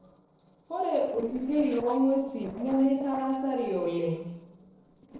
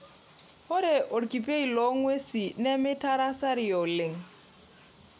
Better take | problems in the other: second | noise reduction (neural separator model SepFormer DNS4)

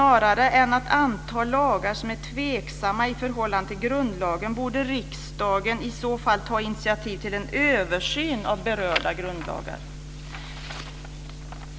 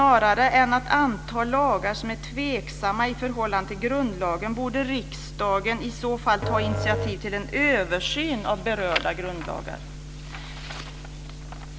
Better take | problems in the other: first | background sound (Musical instrument); 7 dB below the speech

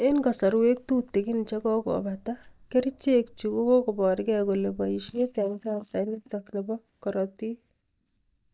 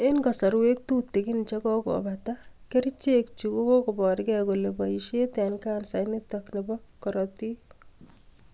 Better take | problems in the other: second | noise reduction (neural mask model DeepFilterNet 3)

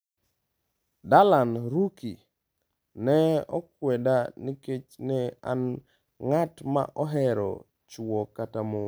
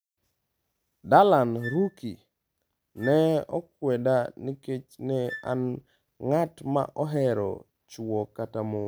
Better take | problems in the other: first | background sound (Wind instrument, woodwind instrument); 18 dB below the speech

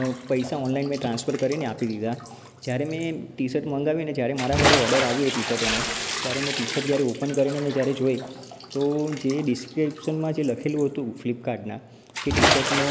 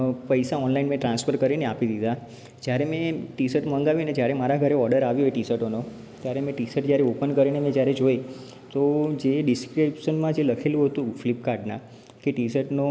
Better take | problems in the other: second | background sound (Bathtub (filling or washing) / Splash, splatter); 4 dB below the speech

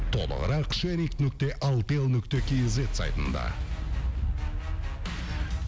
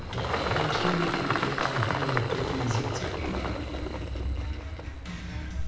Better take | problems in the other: first | background sound (Engine); as loud as the speech // room echo; dies away in 0.9 s

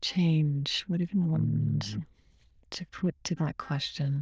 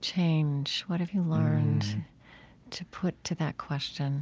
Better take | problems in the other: second | noise reduction (neural diffusion model UNIVERSE++)

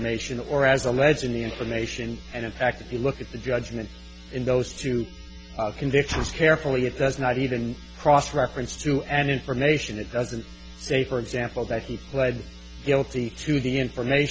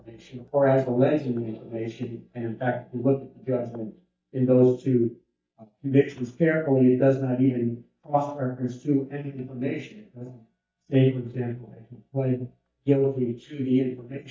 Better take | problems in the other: first | noise reduction (neural mask model DeepFilterNet 3)

